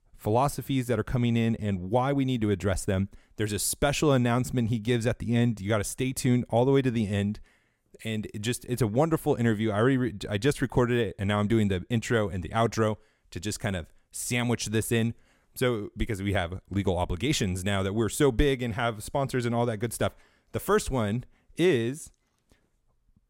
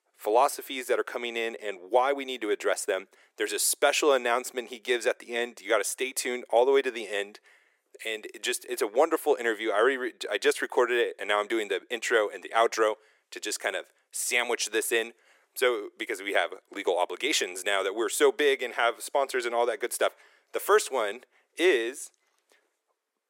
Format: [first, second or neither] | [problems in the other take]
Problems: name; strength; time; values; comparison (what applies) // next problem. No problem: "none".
first | thin; very; fading below 350 Hz